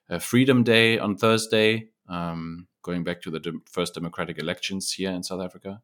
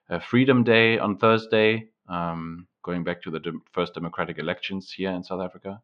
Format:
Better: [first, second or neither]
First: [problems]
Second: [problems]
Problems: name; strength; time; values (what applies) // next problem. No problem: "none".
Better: first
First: none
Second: muffled; slightly; fading above 3.5 kHz